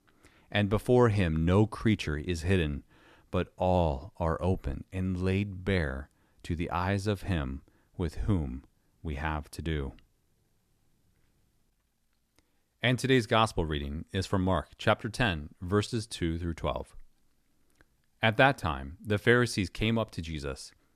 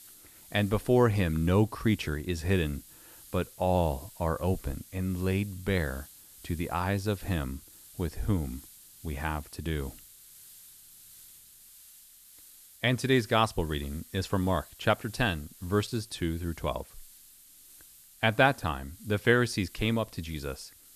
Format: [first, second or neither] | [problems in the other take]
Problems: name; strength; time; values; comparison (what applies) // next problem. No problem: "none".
first | hiss; faint; throughout; 20 dB below the speech